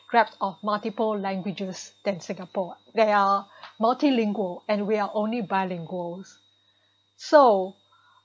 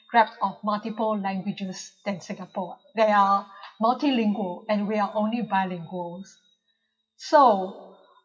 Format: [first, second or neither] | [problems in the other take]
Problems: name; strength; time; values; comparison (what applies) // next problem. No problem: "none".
first | noise reduction (classical method WPE with log-MMSE)